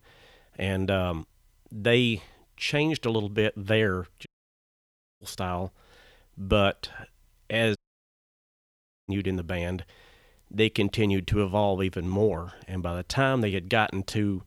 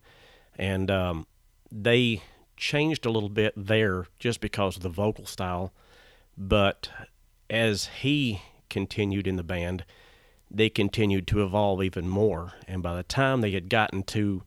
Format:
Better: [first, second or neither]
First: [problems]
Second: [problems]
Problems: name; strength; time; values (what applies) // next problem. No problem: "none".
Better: second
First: audio cutting out; at 4.5 s for 1 s and at 8 s for 1.5 s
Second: none